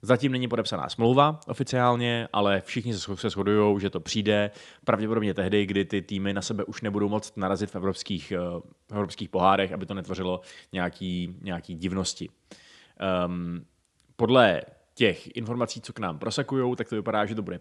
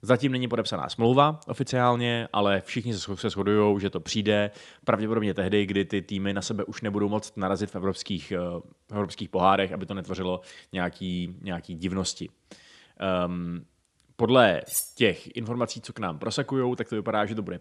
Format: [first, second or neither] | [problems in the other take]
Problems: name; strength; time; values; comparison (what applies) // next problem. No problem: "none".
first | clattering dishes; noticeable; at 15 s; peak 2 dB below the speech